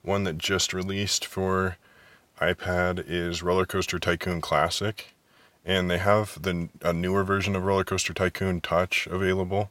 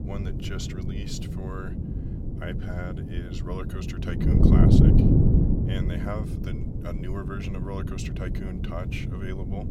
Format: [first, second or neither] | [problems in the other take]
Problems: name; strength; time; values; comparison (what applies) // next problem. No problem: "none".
first | wind noise on the microphone; heavy; 4 dB above the speech